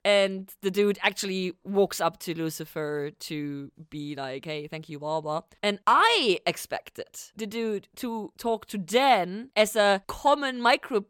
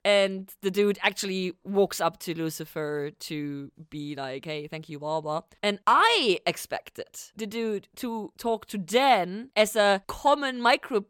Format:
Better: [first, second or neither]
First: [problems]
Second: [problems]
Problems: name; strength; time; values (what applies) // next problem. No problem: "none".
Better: neither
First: none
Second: none